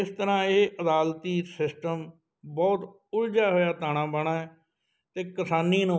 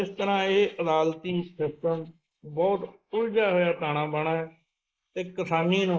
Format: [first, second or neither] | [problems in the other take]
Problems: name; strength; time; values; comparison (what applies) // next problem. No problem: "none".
first | noise reduction (neural mask model Resemble Enhance denoiser)